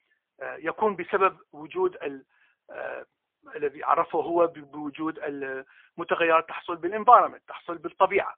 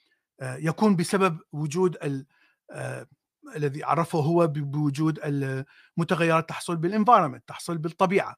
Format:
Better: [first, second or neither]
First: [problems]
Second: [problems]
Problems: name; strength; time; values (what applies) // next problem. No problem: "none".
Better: second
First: phone-call audio; poor line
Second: none